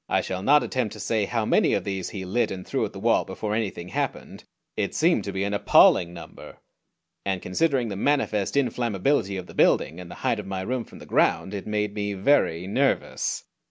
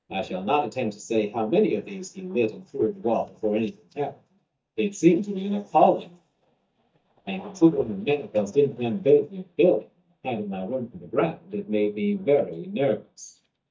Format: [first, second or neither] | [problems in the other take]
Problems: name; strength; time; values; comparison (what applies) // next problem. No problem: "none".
first | noise reduction (neural mask model DeepFilterNet 3)